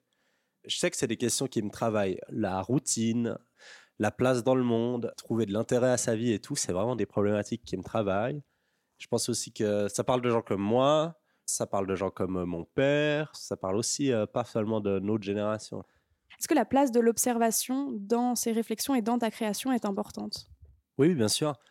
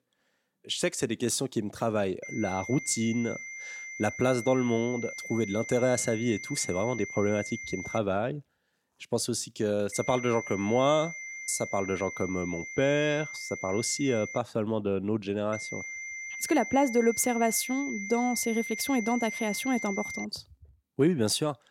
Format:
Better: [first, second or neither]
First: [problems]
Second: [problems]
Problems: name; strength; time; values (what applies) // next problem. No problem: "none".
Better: first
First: none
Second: high-pitched whine; loud; from 2 to 8 s, from 10 to 14 s and from 16 to 20 s; 2 kHz, 8 dB below the speech